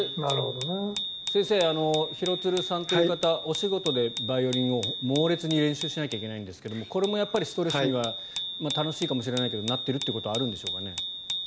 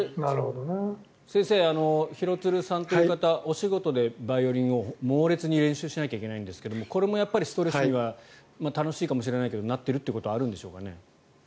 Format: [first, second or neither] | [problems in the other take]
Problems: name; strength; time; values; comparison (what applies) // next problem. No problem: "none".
second | background sound (Bicycle bell); 6 dB below the speech